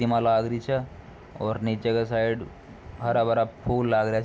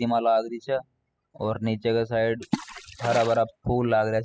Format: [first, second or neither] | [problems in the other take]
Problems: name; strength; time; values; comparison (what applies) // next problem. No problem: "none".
first | noise reduction (classical method spectral subtraction)